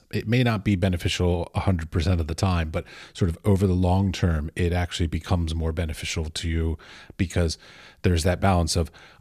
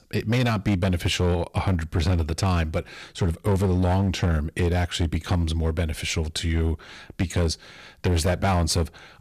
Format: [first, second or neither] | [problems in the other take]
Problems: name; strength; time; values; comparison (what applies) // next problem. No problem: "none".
first | distortion; slight; 12% of the sound clipped